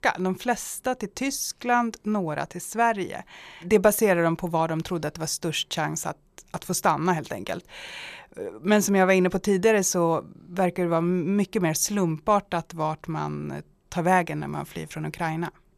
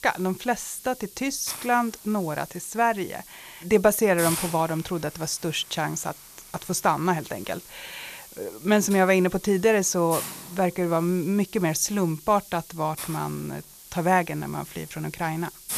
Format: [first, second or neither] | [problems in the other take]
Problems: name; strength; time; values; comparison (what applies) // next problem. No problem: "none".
first | hiss; noticeable; throughout; 15 dB below the speech